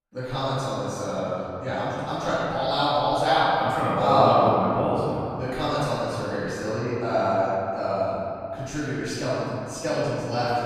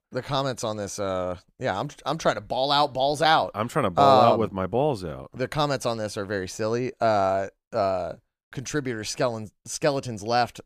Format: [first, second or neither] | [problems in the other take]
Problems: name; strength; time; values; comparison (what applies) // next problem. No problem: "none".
second | off-mic speech; far // room echo; strong; dies away in 2.6 s